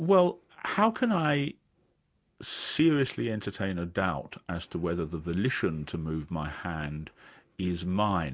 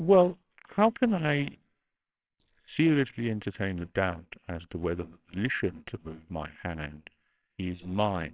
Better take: first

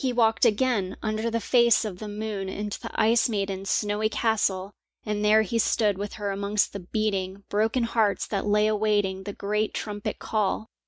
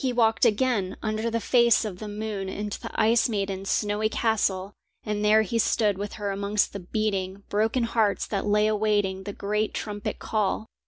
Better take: second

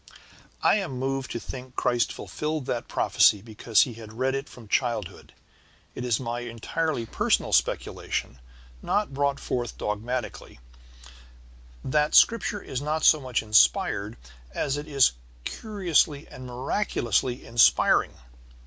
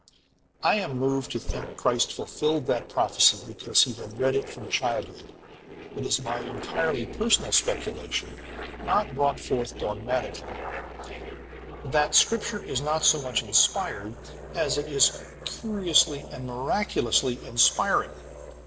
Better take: first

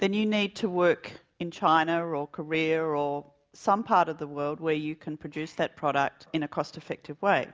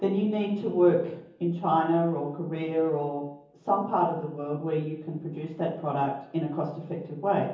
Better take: first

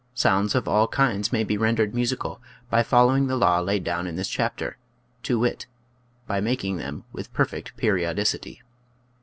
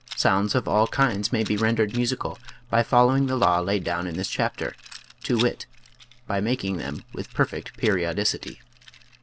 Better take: first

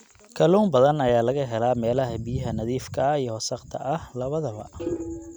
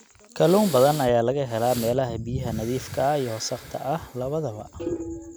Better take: first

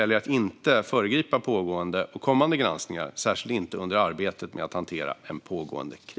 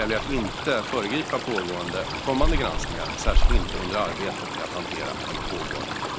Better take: first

